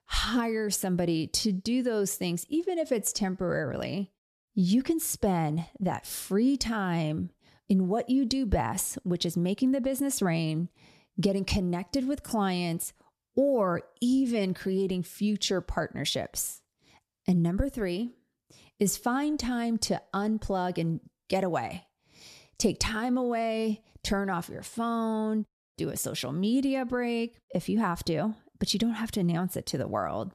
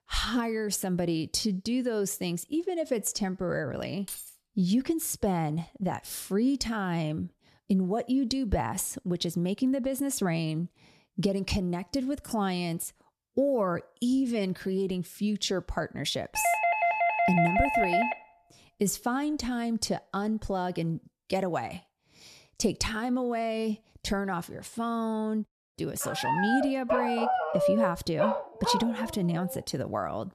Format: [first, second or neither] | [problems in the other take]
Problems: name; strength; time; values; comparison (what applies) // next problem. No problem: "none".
first | jangling keys; noticeable; at 4 s; peak 9 dB below the speech // doorbell; loud; from 16 to 18 s; peak 5 dB above the speech // dog barking; loud; from 26 to 30 s; peak 4 dB above the speech